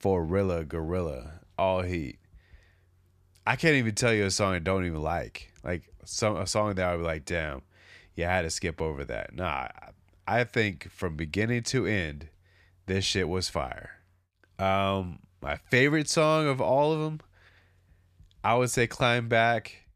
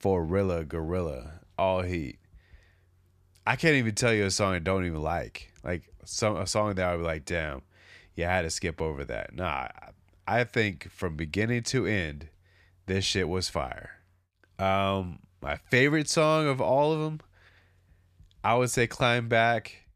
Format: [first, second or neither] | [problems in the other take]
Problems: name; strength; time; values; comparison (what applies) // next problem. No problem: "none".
neither | none